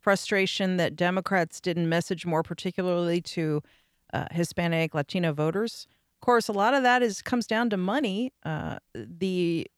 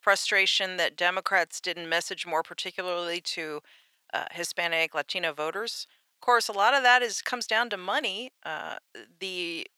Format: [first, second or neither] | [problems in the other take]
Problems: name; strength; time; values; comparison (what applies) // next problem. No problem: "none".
first | thin; very; fading below 700 Hz